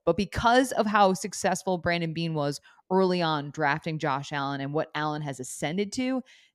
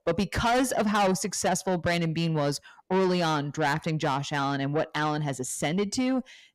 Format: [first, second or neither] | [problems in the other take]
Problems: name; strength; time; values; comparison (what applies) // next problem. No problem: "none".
first | distortion; heavy; 7 dB below the speech